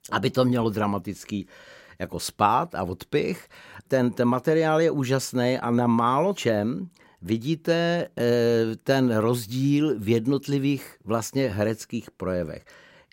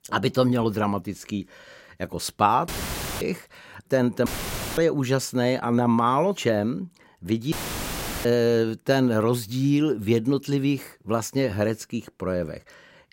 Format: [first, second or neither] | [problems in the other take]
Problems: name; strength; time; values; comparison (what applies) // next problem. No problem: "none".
first | audio cutting out; filled with static; at 2.5 s for 0.5 s, at 4.5 s for 0.5 s and at 7.5 s for 0.5 s